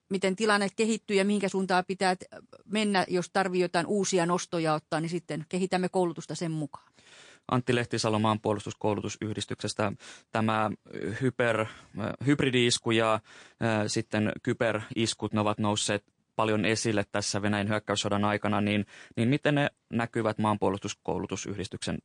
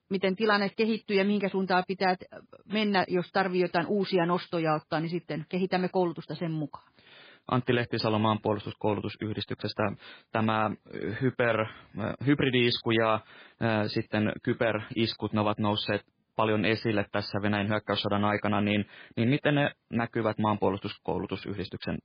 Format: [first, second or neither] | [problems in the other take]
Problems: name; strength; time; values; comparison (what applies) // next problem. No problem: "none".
first | garbled, watery; badly; slightly in the first